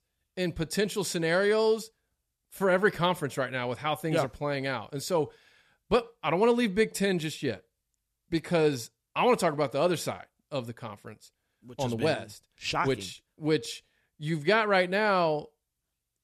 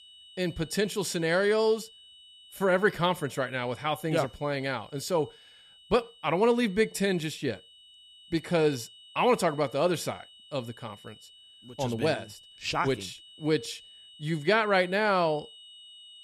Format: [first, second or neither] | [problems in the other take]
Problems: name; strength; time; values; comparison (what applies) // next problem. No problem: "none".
first | high-pitched whine; faint; throughout; 3 kHz, 20 dB below the speech